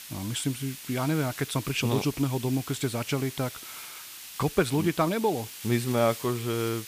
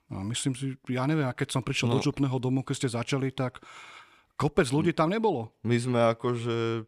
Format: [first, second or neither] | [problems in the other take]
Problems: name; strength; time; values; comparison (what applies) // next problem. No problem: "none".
second | hiss; noticeable; throughout; 10 dB below the speech